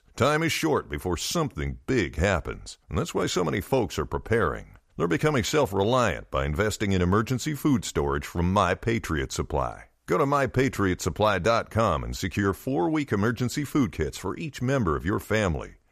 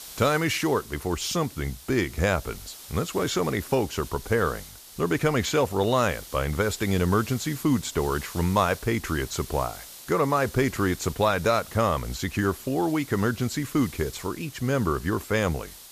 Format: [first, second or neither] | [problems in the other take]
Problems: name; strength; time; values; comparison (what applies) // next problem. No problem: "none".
first | hiss; noticeable; throughout; 15 dB below the speech